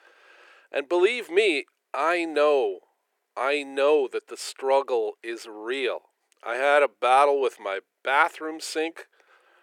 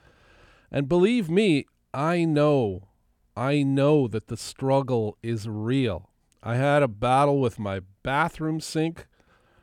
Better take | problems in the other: second | thin; very; fading below 350 Hz

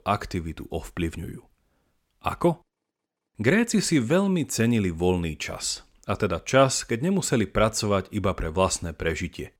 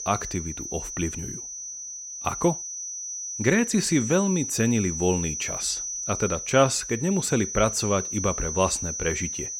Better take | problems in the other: first | high-pitched whine; loud; throughout; 6 kHz, 5 dB below the speech

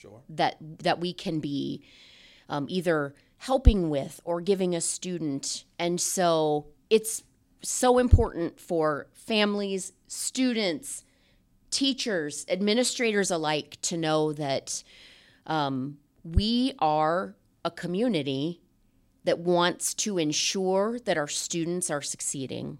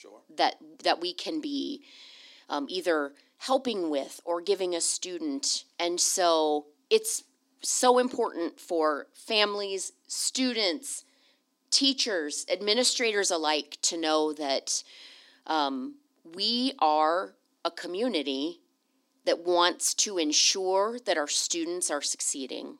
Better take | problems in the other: first | thin; very slightly; fading below 250 Hz

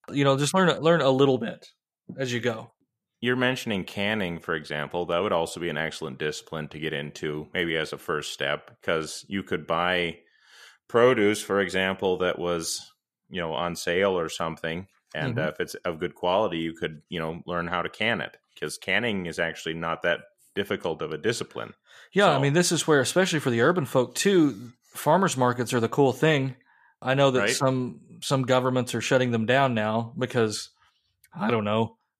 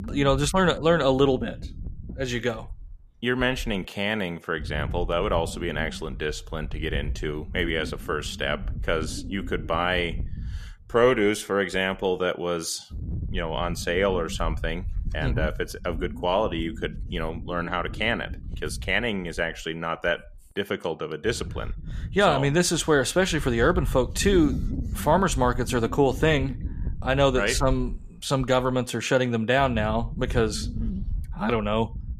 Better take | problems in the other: first | wind noise on the microphone; occasional gusts; 20 dB below the speech

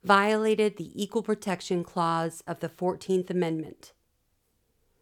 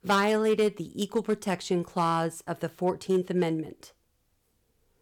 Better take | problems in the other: first | distortion; slight; 3% of the sound clipped

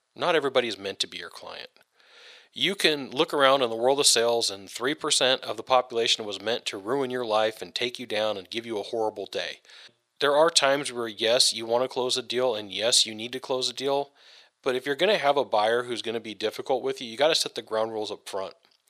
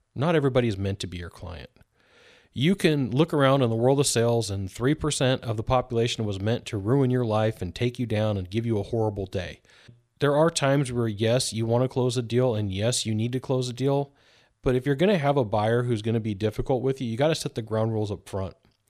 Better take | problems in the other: second | thin; very; fading below 550 Hz

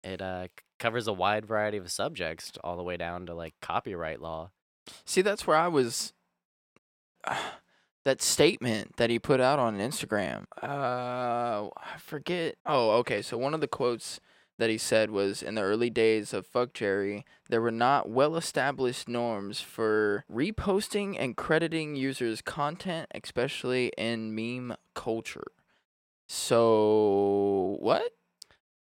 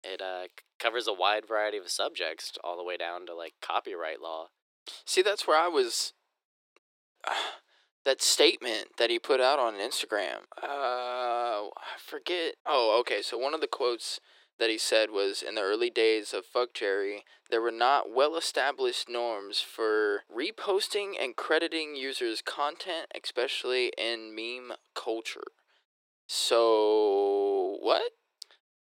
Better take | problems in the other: first | thin; very; fading below 350 Hz

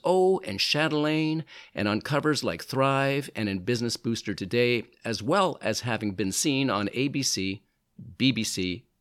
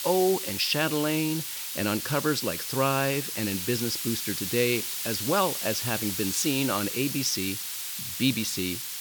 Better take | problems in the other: first | hiss; loud; throughout; 3 dB below the speech

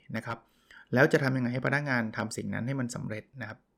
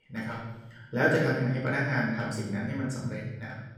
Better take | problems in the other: first | off-mic speech; far // room echo; noticeable; dies away in 1.1 s

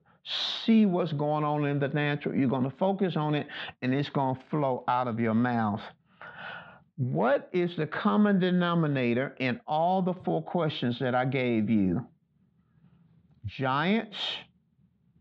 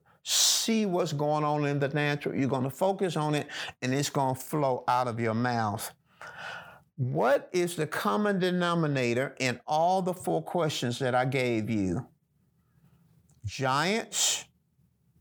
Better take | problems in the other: second | muffled; very; fading above 3.5 kHz

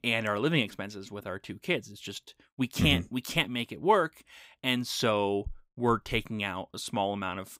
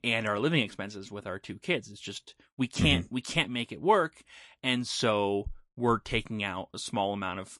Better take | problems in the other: first | garbled, watery; slightly; nothing above 11 kHz

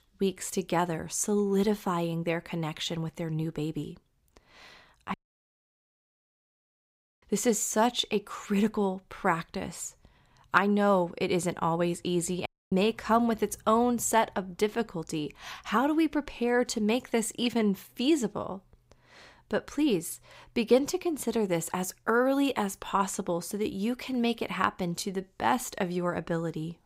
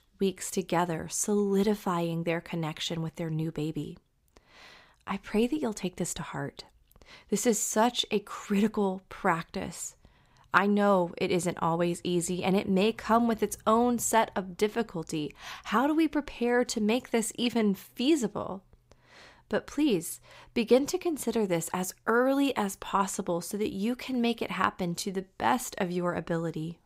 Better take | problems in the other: second | audio cutting out; at 5 s for 2 s and at 12 s

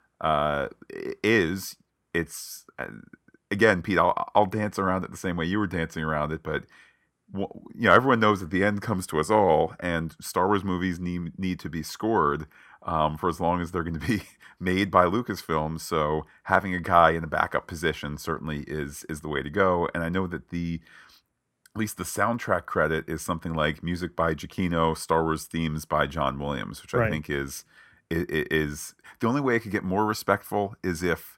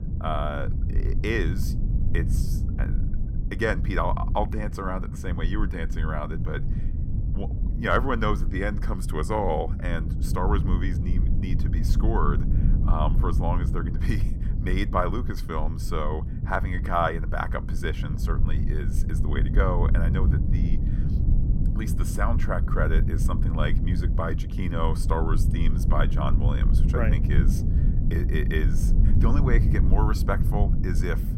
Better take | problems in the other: first | low rumble; loud; throughout; 10 dB below the speech

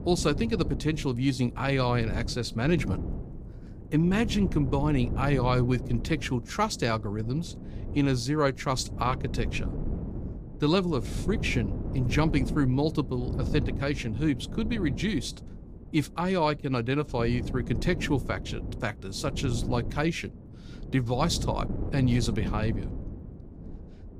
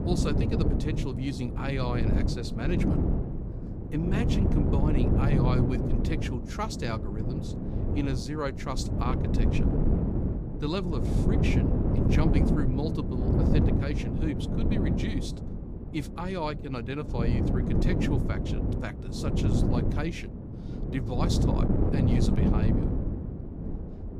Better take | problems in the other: first | wind noise on the microphone; heavy; 1 dB above the speech; occasional gusts in the first

